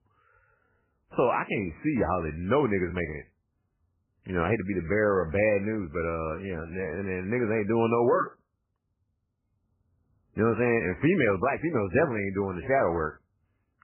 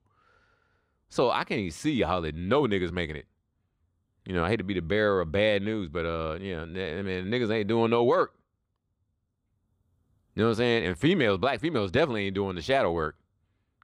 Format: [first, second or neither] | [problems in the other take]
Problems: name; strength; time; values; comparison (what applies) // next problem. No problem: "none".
second | garbled, watery; badly; nothing above 2.5 kHz